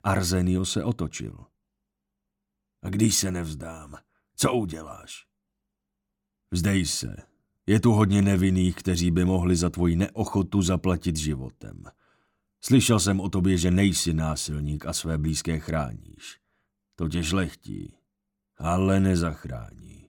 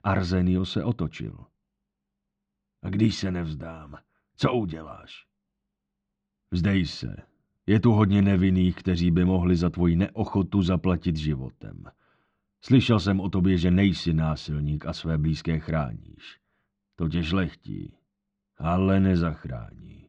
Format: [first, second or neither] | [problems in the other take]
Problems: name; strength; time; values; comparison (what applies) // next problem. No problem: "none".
first | muffled; slightly; fading above 4 kHz